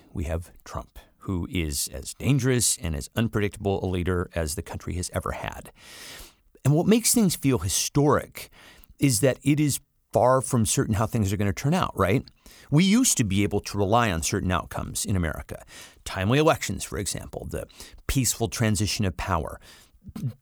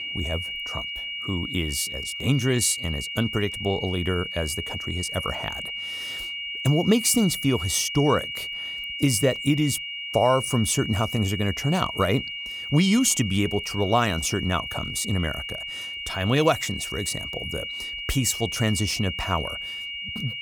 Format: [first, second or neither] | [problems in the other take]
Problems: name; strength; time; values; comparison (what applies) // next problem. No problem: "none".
first | high-pitched whine; loud; throughout; 3 kHz, 6 dB below the speech